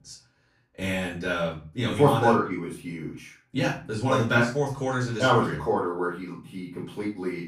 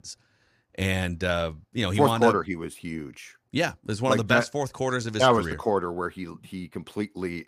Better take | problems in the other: second | off-mic speech; far // room echo; slight; dies away in 0.3 s

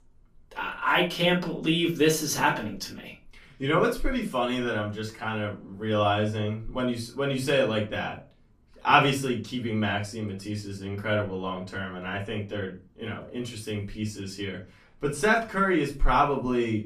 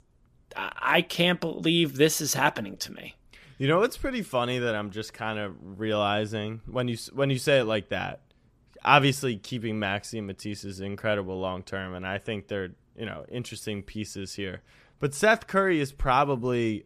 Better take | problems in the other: second | off-mic speech; far // room echo; very slight; dies away in 0.3 s

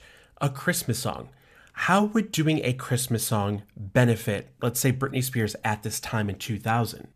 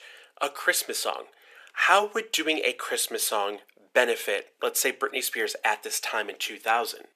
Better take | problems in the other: first | thin; very; fading below 350 Hz

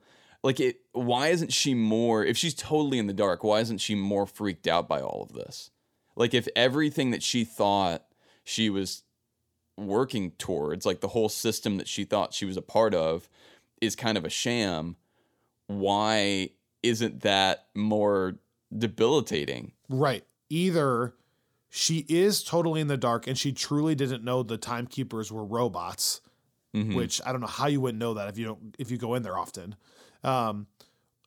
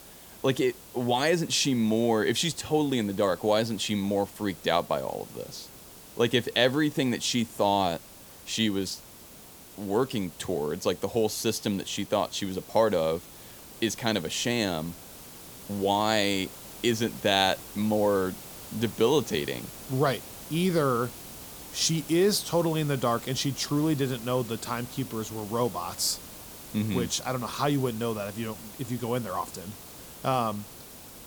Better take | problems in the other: first | hiss; noticeable; throughout; 15 dB below the speech

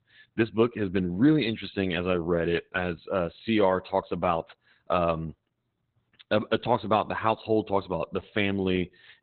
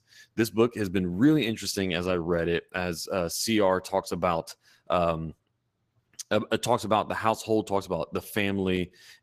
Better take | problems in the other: second | garbled, watery; badly; nothing above 4 kHz; slightly in the second

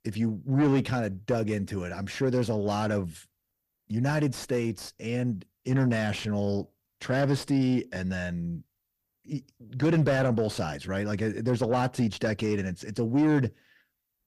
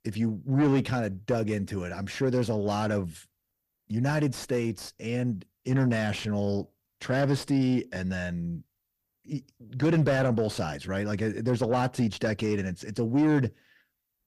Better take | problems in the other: neither | distortion; slight; 10 dB below the speech; the same in both

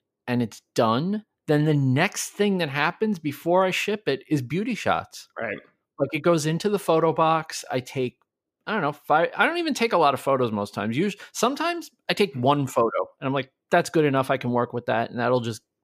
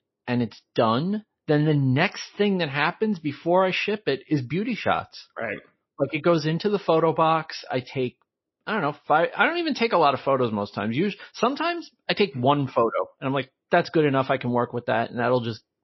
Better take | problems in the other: first | garbled, watery; slightly; nothing above 6 kHz

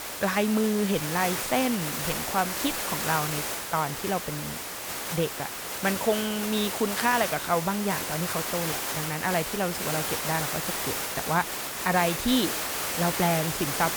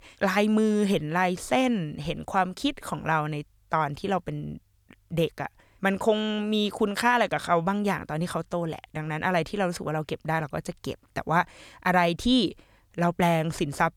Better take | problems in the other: second | hiss; loud; throughout; 1 dB below the speech

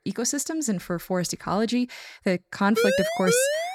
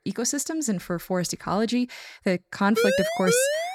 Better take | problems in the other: neither | siren; loud; from 3 s on; peak 3 dB above the speech; the same in both

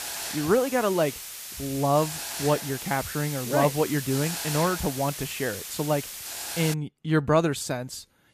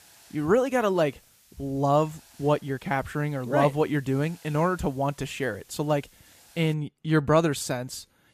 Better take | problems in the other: second | hiss; loud; until 6.5 s; 7 dB below the speech; faint in the second

